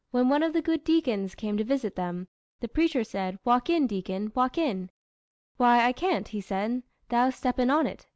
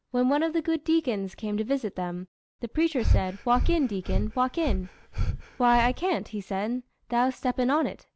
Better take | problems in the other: first | background sound (Breathing); as loud as the speech

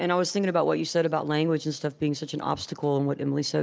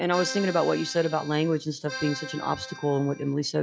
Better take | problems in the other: first | noise reduction (classical method log-MMSE)

